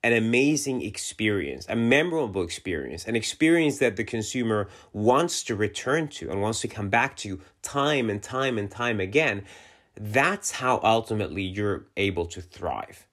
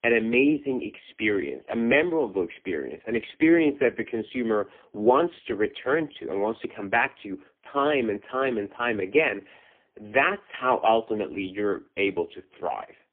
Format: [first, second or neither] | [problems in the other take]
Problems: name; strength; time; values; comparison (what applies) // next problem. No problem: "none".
first | phone-call audio; poor line